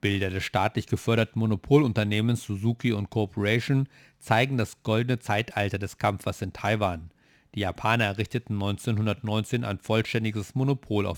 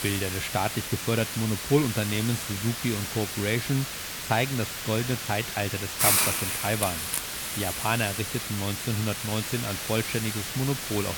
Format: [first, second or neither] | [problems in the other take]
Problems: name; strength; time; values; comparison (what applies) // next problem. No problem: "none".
first | hiss; loud; throughout; as loud as the speech